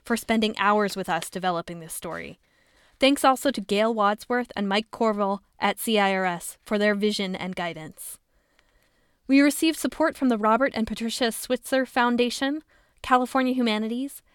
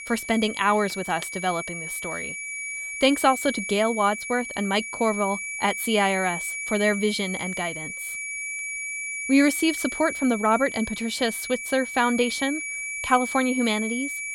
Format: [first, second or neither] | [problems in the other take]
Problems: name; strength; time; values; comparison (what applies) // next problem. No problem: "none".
first | high-pitched whine; loud; throughout; 2.5 kHz, 6 dB below the speech